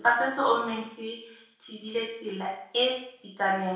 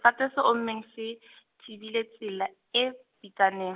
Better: second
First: room echo; dies away in 0.6 s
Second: none

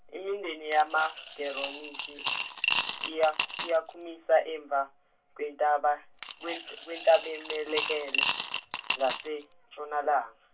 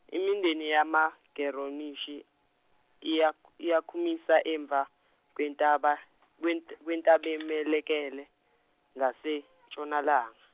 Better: second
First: background sound (Coin (dropping) / Glass); 4 dB below the speech // room echo; dies away in 0.2 s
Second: none

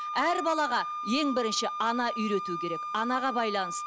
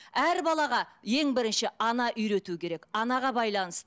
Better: second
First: background sound (Wind instrument, woodwind instrument); 5 dB below the speech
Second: none

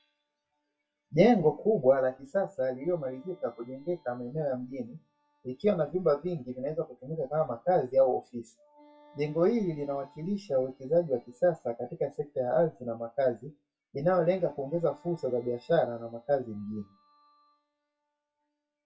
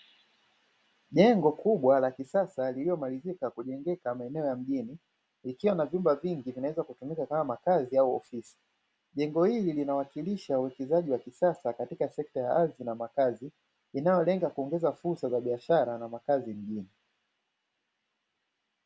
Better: second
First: noise reduction (classical method WPE with log-MMSE)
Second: none

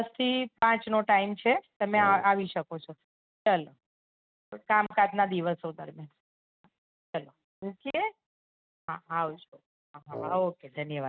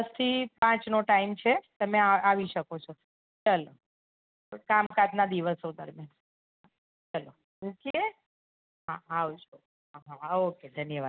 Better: second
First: noise reduction (neural mask model RNNoise)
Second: none

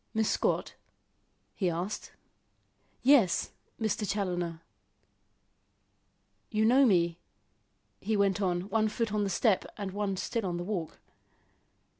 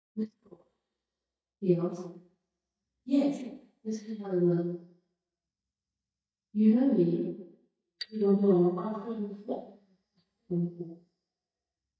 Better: first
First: none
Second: noise reduction (neural mask model DeepFilterNet 3)

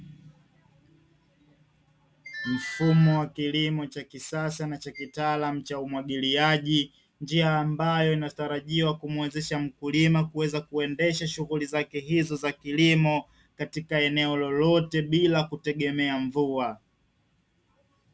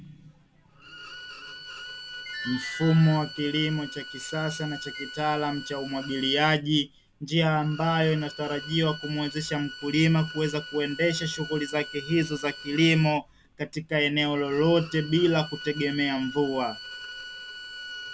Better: first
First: none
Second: background sound (Bowed string instrument); 14 dB below the speech

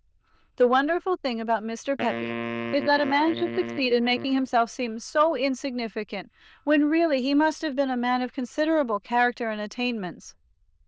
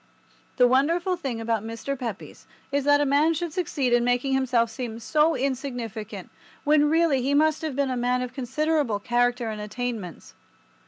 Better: second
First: noise reduction (neural diffusion model UNIVERSE++)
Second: none

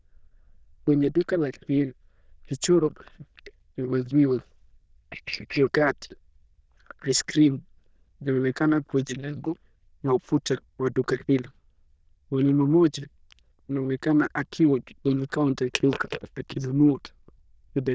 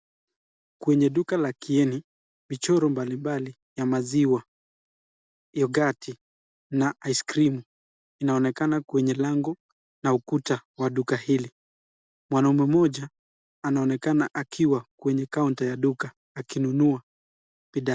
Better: second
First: noise reduction (neural diffusion model UNIVERSE++)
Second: none

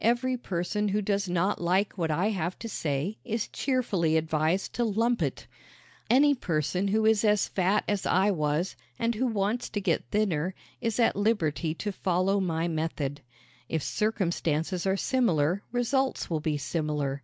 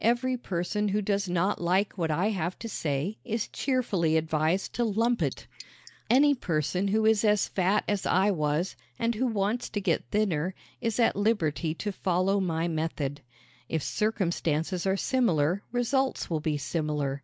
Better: first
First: none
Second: noise reduction (neural mask model Resemble Enhance denoiser)

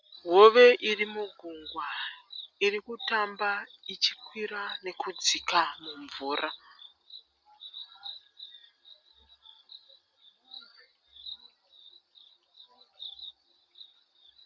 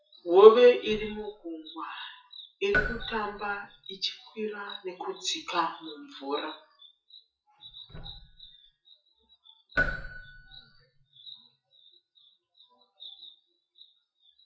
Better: first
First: none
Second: noise reduction (classical method WPE with log-MMSE)

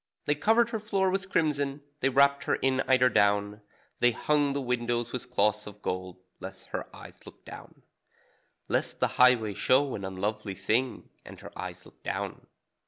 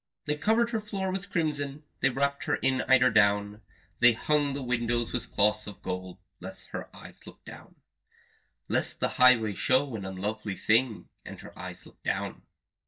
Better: first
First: none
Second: noise reduction (neural mask model DeepFilterNet 3)

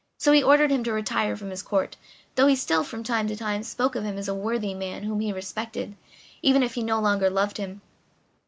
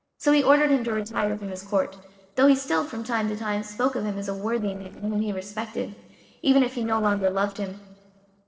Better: first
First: none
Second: noise reduction (neural separator model SepFormer DNS4)

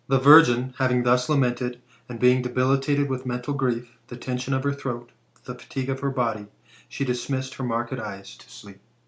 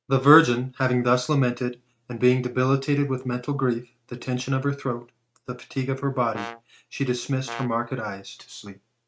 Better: first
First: none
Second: noise reduction (neural mask model RNNoise)

